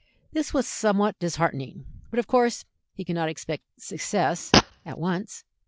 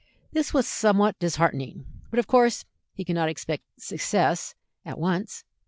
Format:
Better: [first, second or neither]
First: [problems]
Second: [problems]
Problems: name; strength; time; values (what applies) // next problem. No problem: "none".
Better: second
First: background sound (Fart); 1 dB above the speech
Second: none